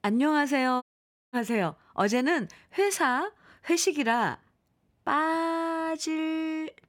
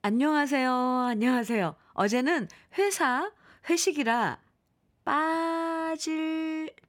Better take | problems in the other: second | audio cutting out; at 1 s for 0.5 s

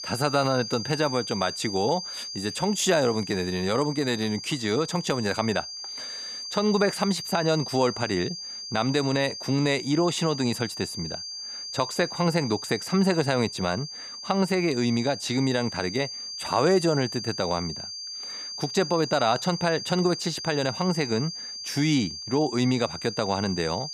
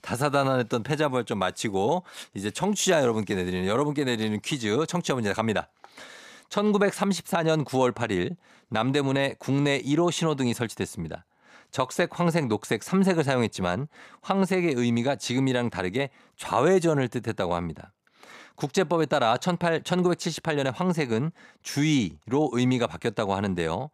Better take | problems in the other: second | high-pitched whine; loud; throughout; 5 kHz, 8 dB below the speech

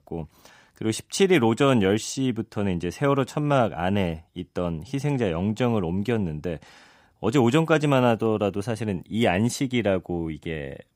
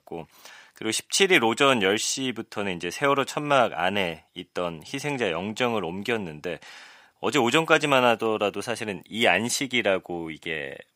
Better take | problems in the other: first | thin; somewhat; fading below 800 Hz

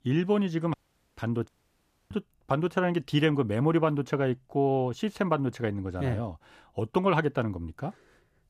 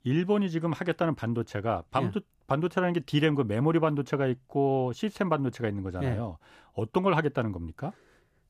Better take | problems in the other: second | audio cutting out; at 0.5 s and at 1.5 s for 0.5 s

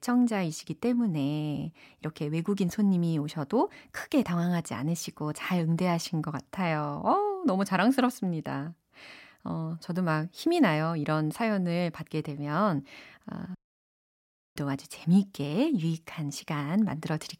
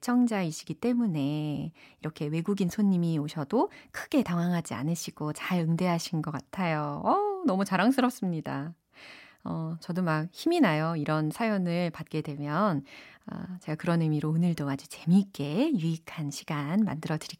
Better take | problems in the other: second | audio cutting out; at 14 s for 1 s

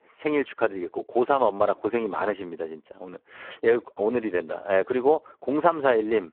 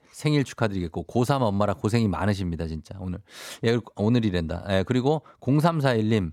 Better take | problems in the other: second | phone-call audio; poor line

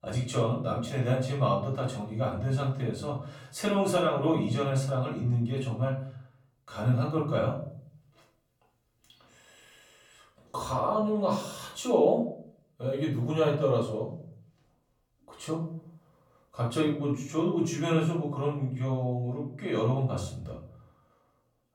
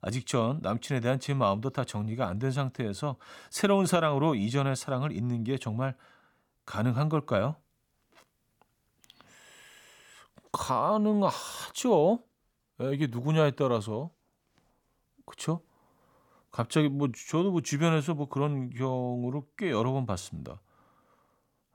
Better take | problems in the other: second | off-mic speech; far // room echo; slight; dies away in 0.5 s

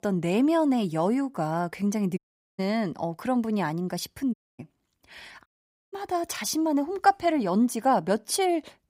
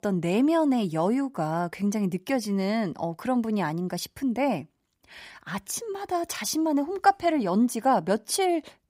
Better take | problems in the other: second | audio cutting out; at 2 s, at 4.5 s and at 5.5 s

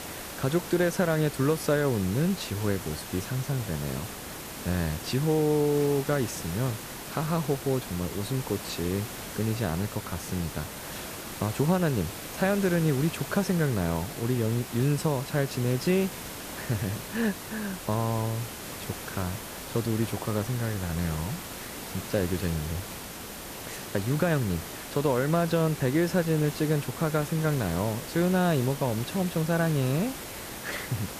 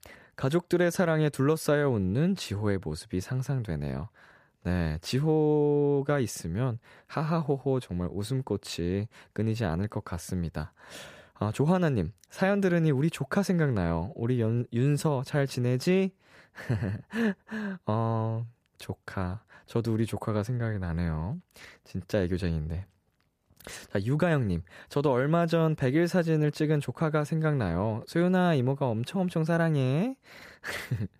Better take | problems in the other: second | hiss; loud; throughout; 9 dB below the speech

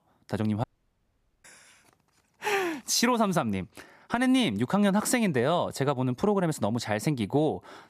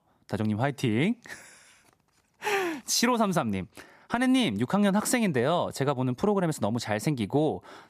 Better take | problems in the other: second | audio cutting out; at 0.5 s for 1 s

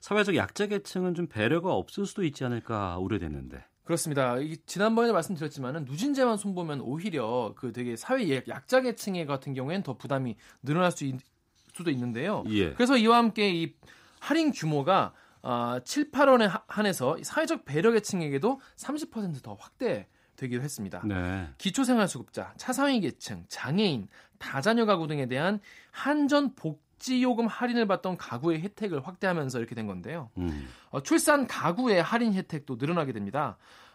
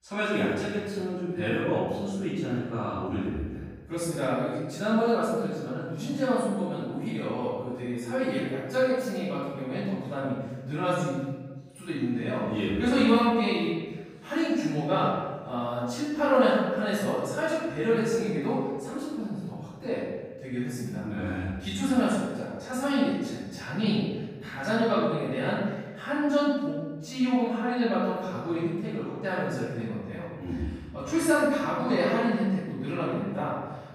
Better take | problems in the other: first | off-mic speech; far // room echo; strong; dies away in 1.2 s

